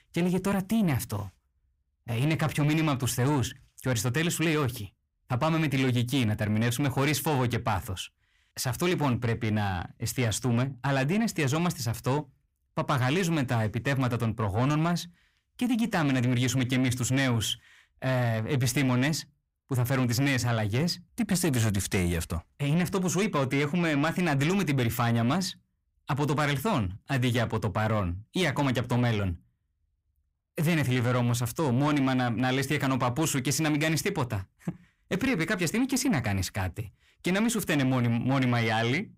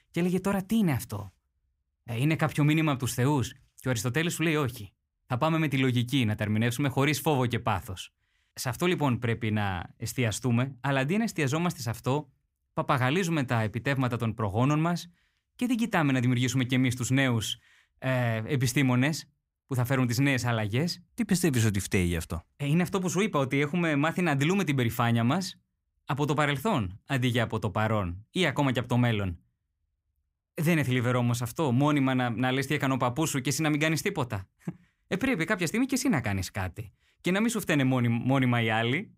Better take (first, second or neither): second